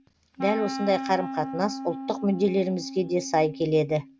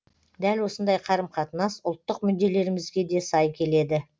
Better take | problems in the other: second | background sound (Wind instrument, woodwind instrument); 9 dB below the speech

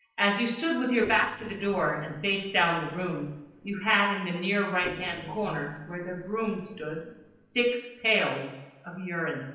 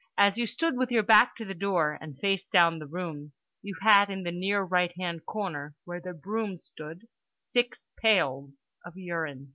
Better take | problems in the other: second | noise reduction (neural separator model SepFormer DNS4)

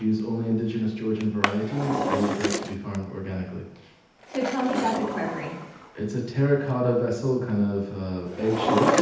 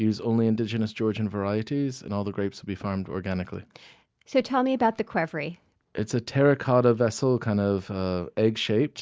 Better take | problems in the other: second | background sound (Drawer open or close); 4 dB below the speech // room echo; dies away in 0.8 s

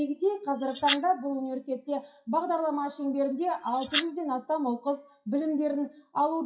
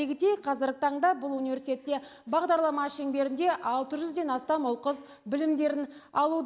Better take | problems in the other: second | noise reduction (classical method WPE with log-MMSE)

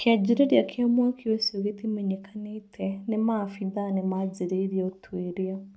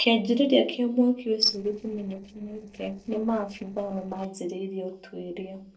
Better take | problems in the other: first | noise reduction (neural separator model SepFormer DNS4)

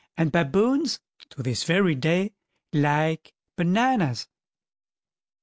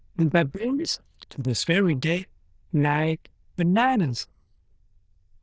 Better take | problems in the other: first | noise reduction (neural diffusion model UNIVERSE++)

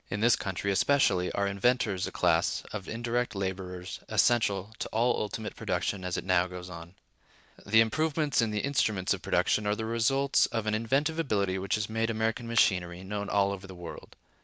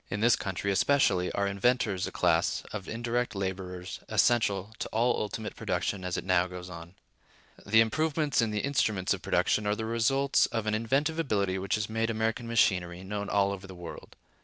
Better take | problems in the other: second | background sound (Finger snapping); 16 dB below the speech

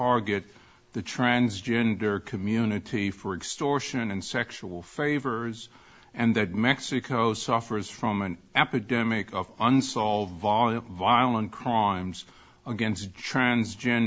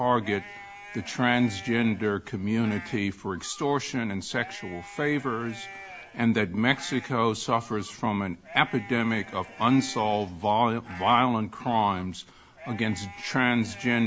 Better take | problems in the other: first | background sound (Livestock, farm animals, working animals); 18 dB below the speech

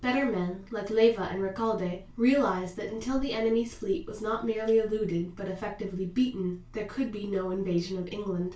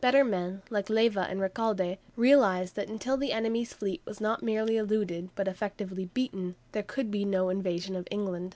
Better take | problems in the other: second | room echo; dies away in 0.2 s

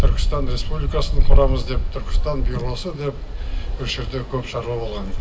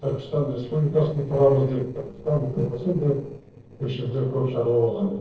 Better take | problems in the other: first | noise reduction (neural separator model SepFormer DNS4)

